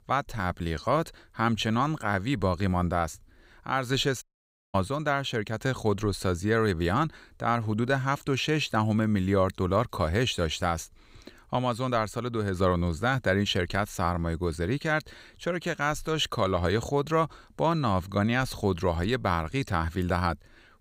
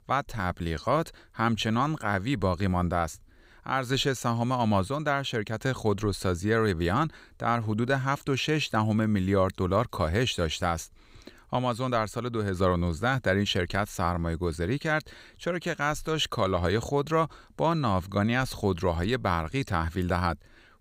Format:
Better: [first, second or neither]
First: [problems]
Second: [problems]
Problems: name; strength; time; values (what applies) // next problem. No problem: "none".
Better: second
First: audio cutting out; at 4 s for 0.5 s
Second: none